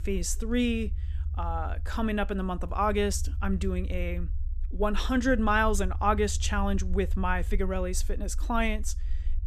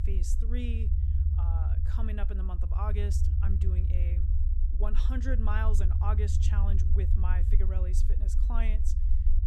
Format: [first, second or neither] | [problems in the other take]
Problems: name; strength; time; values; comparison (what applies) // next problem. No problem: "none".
first | low rumble; loud; throughout; 5 dB below the speech; faint in the first